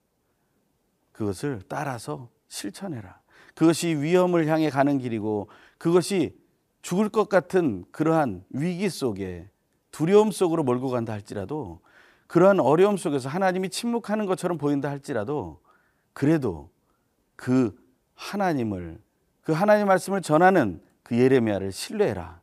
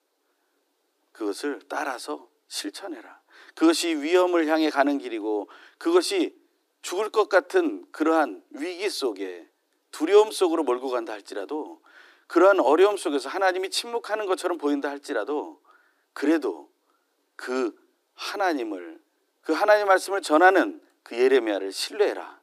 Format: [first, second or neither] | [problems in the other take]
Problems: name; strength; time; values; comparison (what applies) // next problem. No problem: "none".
first | thin; somewhat; fading below 300 Hz